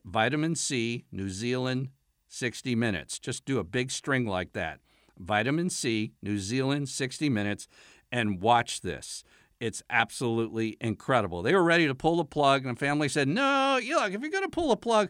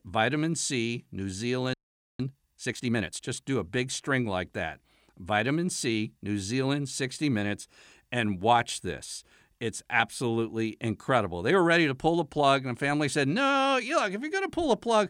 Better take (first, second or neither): first